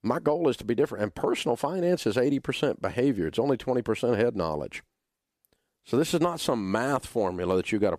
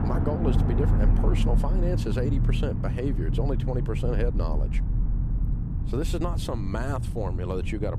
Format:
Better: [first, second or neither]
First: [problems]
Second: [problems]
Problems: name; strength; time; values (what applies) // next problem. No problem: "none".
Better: first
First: none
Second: low rumble; loud; throughout; 5 dB below the speech